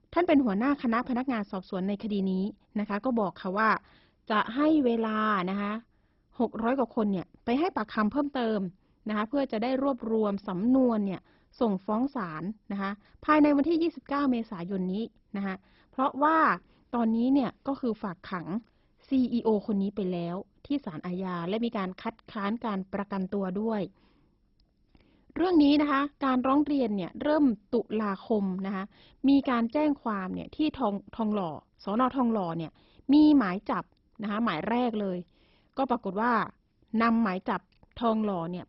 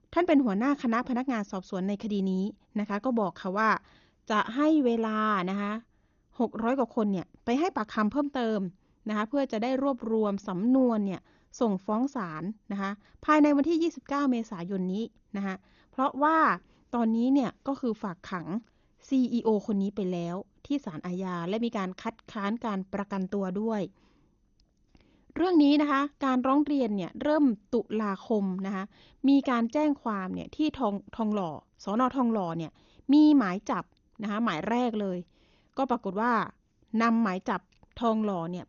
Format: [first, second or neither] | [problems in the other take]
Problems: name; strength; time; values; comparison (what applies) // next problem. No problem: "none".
second | garbled, watery; badly; nothing above 5.5 kHz; slightly in the second